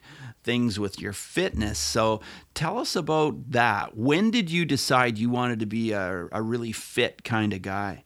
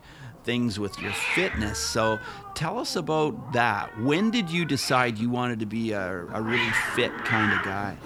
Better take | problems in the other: first | hiss; loud; throughout; 2 dB below the speech

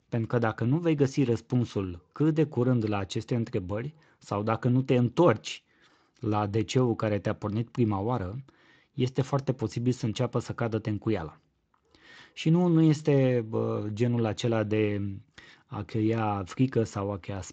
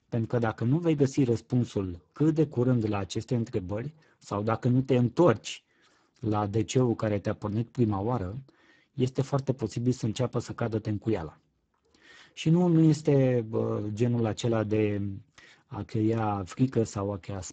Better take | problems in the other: first | garbled, watery; badly; nothing above 7.5 kHz; slightly in the first

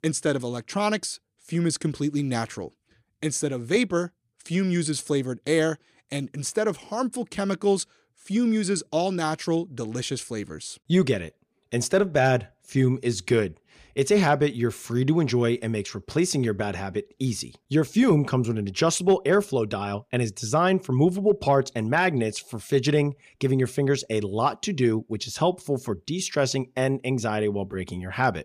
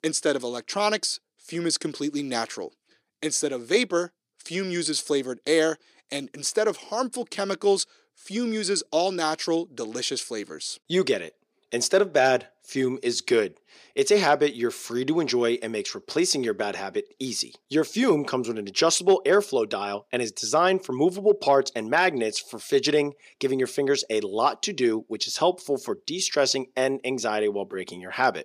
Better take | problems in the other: first | thin; somewhat; fading below 350 Hz

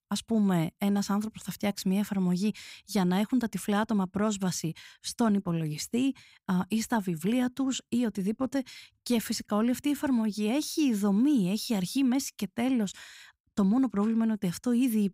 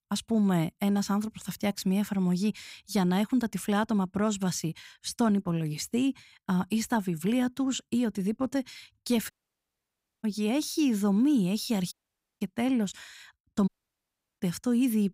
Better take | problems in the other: first | audio cutting out; at 9.5 s for 1 s, at 12 s and at 14 s for 0.5 s

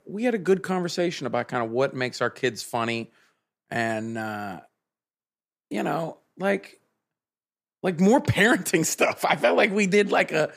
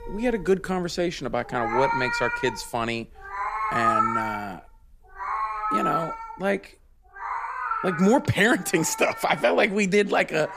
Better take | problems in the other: first | animal sounds; loud; throughout; 3 dB below the speech

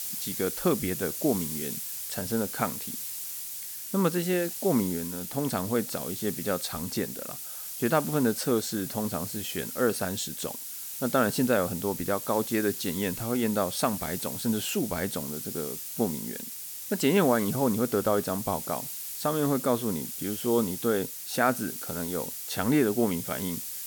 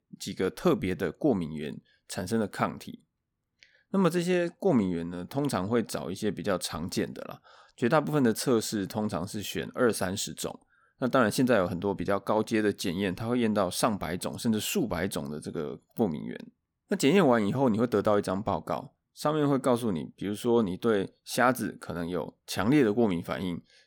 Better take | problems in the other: second | hiss; loud; throughout; 5 dB below the speech

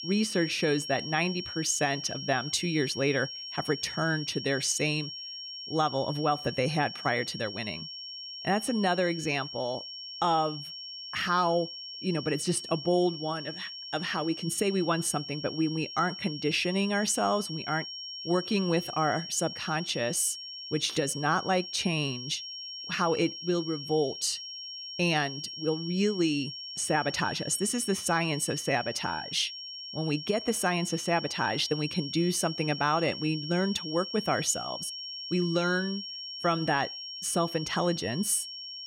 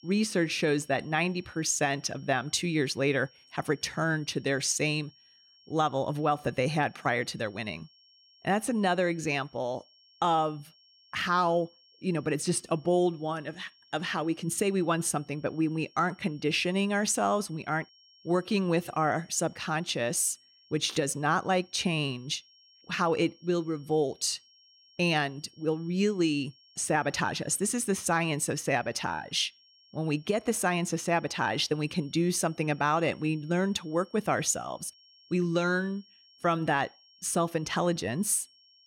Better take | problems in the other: second | high-pitched whine; loud; throughout; 5.5 kHz, 8 dB below the speech; faint in the second

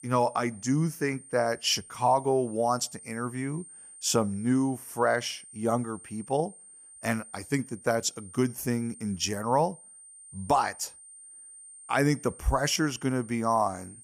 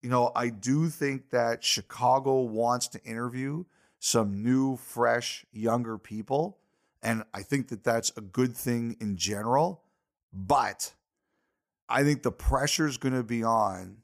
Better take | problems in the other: second | high-pitched whine; noticeable; throughout; 9 kHz, 20 dB below the speech

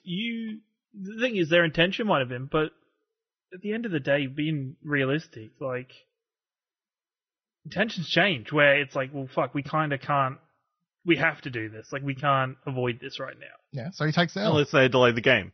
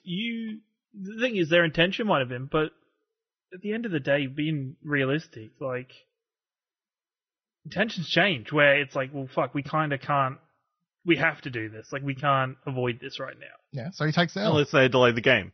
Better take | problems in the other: neither | garbled, watery; slightly; nothing above 6 kHz; the same in both

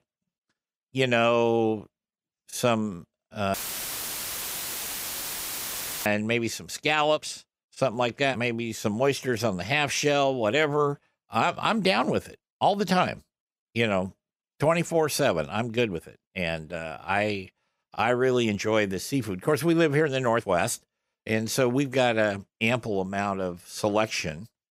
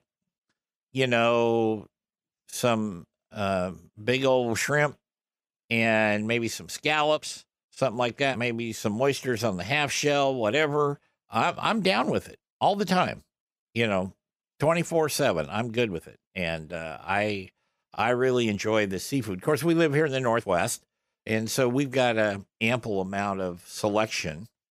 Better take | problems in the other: second | audio cutting out; filled with static; at 3.5 s for 2.5 s

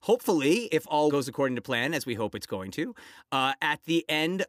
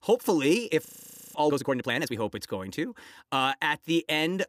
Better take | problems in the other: first | audio freezing; at 1 s

